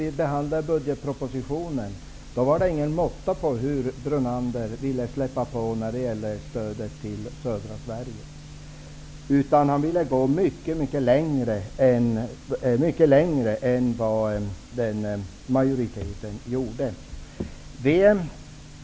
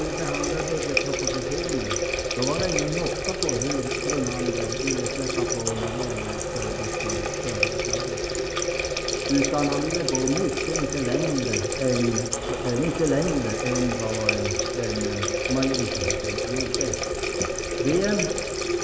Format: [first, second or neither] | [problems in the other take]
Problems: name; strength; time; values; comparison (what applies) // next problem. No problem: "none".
first | background sound (Water tap, faucet); 1 dB above the speech // room echo; dies away in 3 s